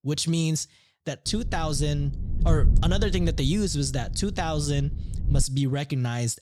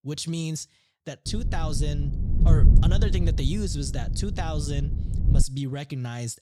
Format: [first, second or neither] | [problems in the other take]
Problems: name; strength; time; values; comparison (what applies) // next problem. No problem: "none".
first | wind noise on the microphone; heavy; from 1.5 to 5.5 s; 5 dB below the speech; occasional gusts in the first